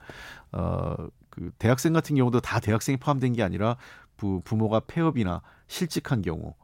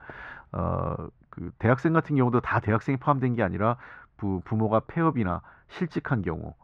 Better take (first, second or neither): first